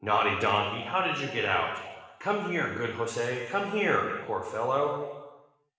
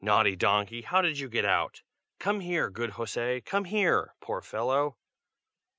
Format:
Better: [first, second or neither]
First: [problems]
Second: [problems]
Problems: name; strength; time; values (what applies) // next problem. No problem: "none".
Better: second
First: room echo; dies away in 1.2 s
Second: none